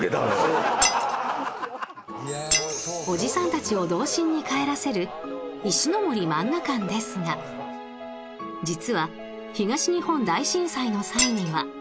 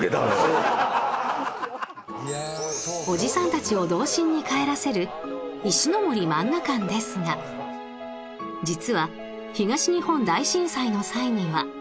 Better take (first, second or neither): second